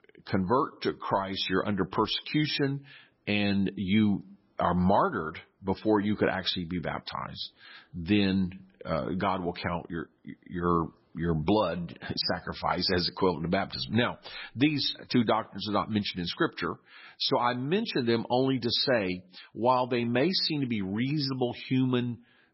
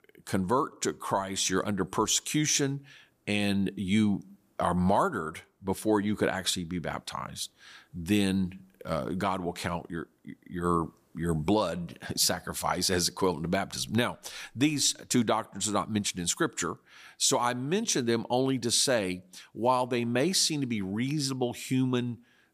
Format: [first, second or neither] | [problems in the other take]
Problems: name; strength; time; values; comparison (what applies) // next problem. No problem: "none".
second | garbled, watery; badly; nothing above 5.5 kHz